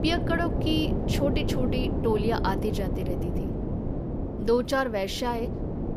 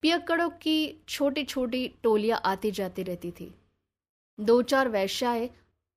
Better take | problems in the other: second | wind noise on the microphone; heavy; 6 dB below the speech

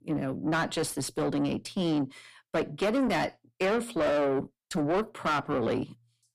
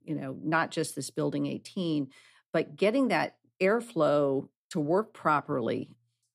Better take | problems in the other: second | distortion; heavy; 6 dB below the speech

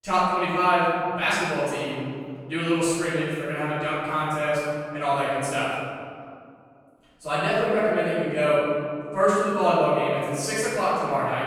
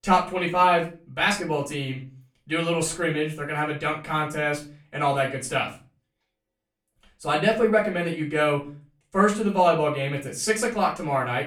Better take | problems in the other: second | room echo; strong; dies away in 2.2 s; slight in the second // off-mic speech; far; far in the second

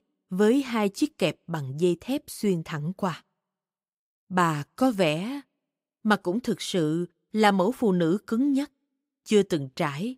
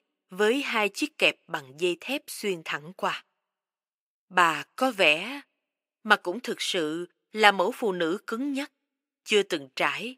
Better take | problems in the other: first | thin; somewhat; fading below 400 Hz

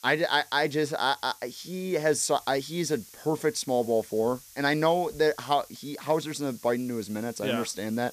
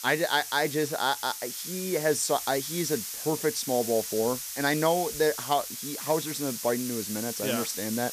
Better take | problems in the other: first | hiss; loud; throughout; 5 dB below the speech; faint in the first

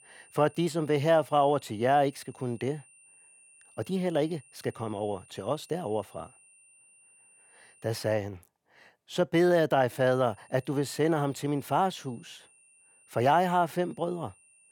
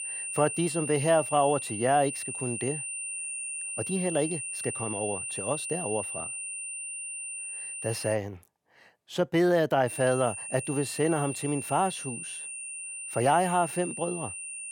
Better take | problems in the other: first | high-pitched whine; loud; until 8 s and from 10 s on; 9 kHz, 5 dB below the speech; faint in the first

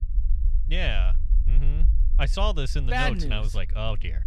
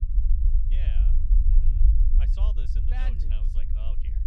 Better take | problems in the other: first | low rumble; loud; throughout; 1 dB below the speech; faint in the first

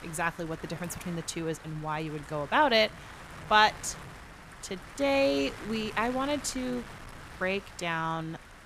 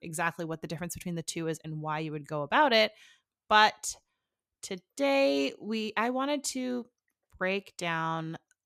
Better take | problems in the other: second | wind noise on the microphone; occasional gusts; 15 dB below the speech

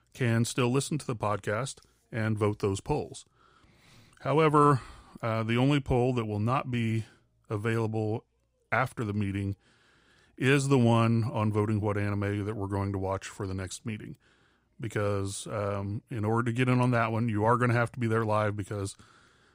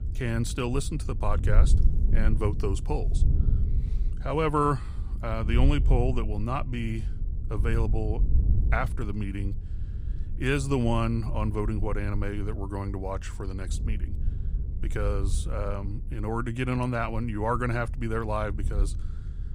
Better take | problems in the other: first | wind noise on the microphone; occasional gusts; 15 dB below the speech

